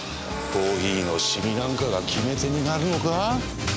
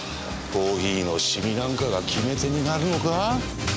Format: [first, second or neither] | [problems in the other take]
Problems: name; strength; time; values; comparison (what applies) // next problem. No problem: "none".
second | background sound (Harmonica); 13 dB below the speech